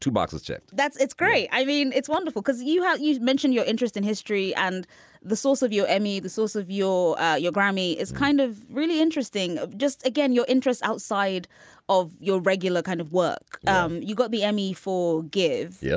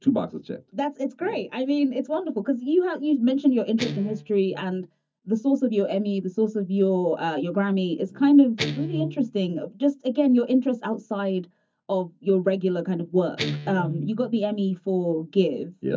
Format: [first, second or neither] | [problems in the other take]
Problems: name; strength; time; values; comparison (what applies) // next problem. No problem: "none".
first | noise reduction (neural mask model DeepFilterNet 3)